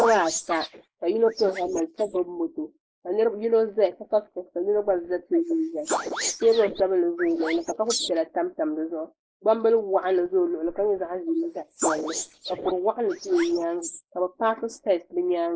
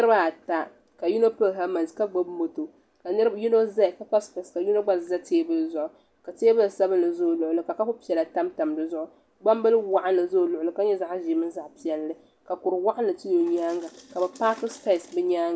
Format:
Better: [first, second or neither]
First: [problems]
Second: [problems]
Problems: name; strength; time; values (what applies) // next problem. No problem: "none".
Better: second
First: noise reduction (neural mask model Resemble Enhance denoiser)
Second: none